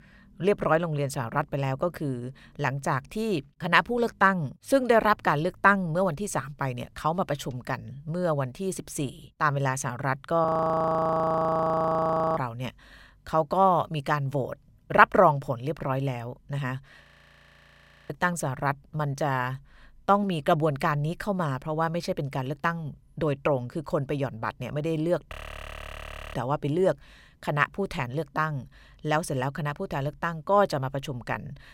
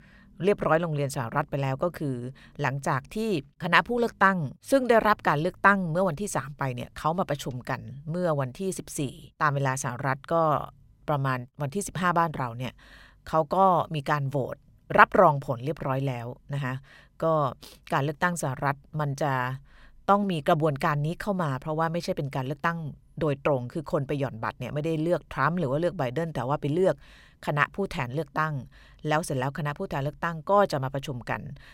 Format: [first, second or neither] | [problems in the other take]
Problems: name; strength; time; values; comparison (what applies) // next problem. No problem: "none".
second | audio freezing; at 10 s for 2 s, at 17 s for 1 s and at 25 s for 1 s